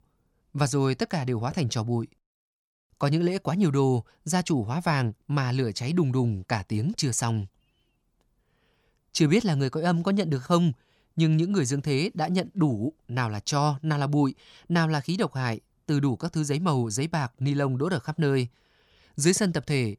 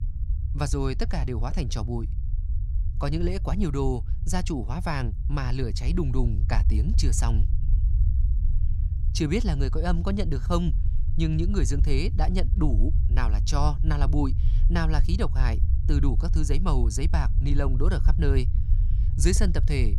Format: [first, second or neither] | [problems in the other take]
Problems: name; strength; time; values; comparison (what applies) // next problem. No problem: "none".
first | low rumble; noticeable; throughout; 15 dB below the speech